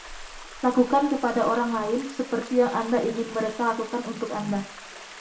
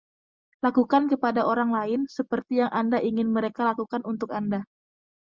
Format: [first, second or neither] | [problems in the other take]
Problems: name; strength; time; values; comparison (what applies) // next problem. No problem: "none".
second | background sound (Stream); 16 dB below the speech // room echo; dies away in 0.6 s